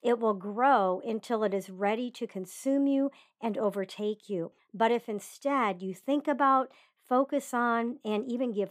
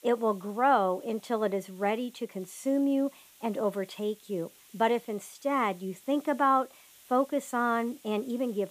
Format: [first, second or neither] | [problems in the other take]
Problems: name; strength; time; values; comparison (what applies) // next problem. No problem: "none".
first | hiss; faint; throughout; 25 dB below the speech